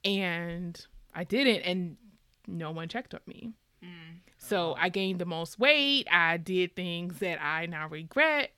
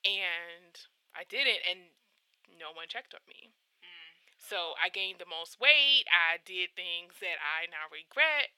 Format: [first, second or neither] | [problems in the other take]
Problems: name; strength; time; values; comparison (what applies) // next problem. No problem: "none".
first | thin; very; fading below 550 Hz